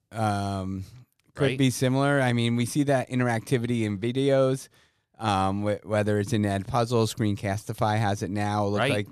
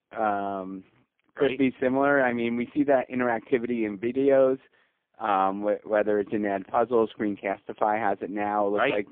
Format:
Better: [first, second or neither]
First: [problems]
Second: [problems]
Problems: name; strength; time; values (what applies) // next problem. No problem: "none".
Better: first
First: none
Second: phone-call audio; poor line